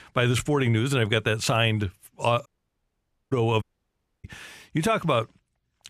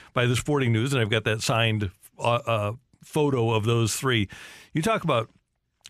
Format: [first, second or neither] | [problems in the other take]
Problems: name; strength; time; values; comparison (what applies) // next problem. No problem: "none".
second | audio cutting out; at 2.5 s for 1 s and at 3.5 s for 0.5 s